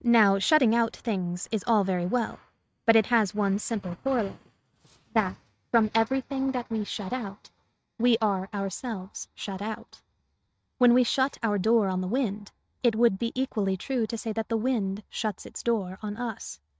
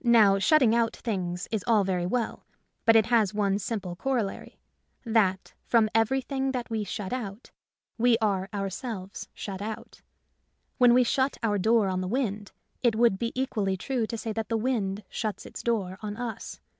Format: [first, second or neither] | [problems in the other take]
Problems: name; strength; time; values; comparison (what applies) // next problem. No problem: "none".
second | noise reduction (neural mask model RNNoise)